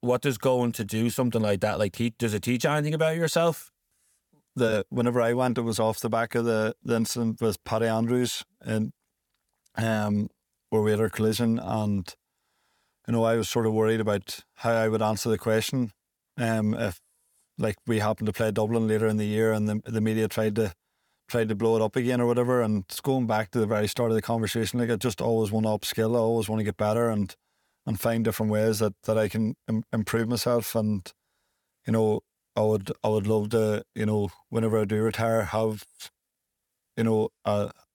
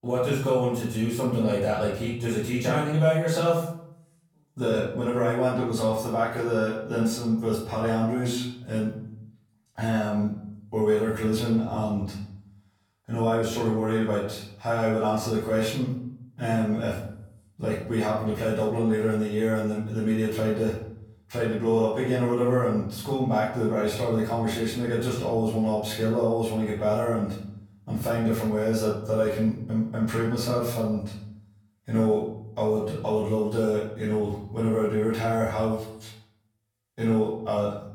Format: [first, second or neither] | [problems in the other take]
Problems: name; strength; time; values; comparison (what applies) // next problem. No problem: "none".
first | off-mic speech; far // room echo; noticeable; dies away in 0.6 s